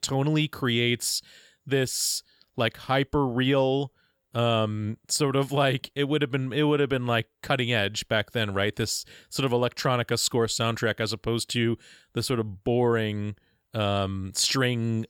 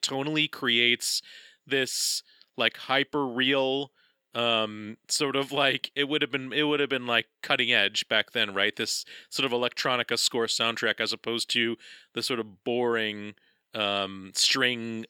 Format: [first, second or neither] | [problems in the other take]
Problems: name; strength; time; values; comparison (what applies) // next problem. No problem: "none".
first | thin; very slightly; fading below 250 Hz